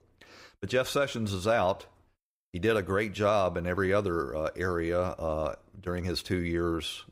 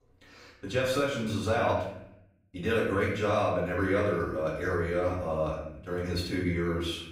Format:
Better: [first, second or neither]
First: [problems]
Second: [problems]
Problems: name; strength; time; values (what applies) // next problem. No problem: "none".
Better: first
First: none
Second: off-mic speech; far // room echo; noticeable; dies away in 0.7 s